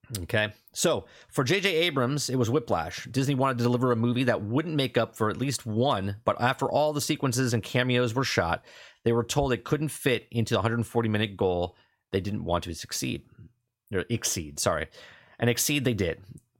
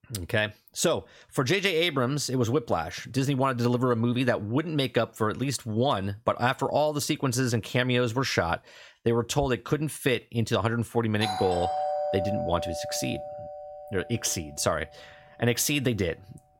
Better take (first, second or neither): first